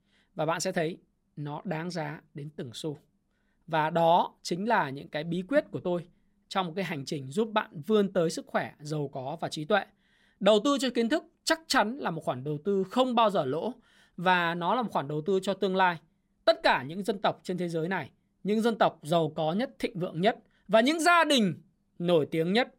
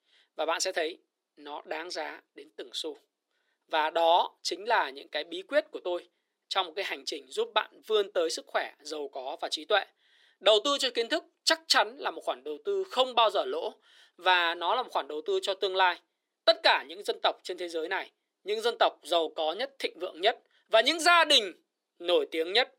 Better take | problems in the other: first | thin; very; fading below 350 Hz

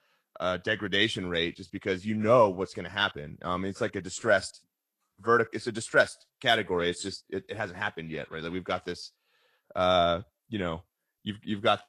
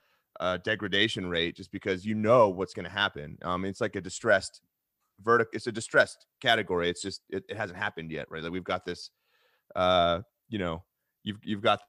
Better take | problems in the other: second | garbled, watery; slightly

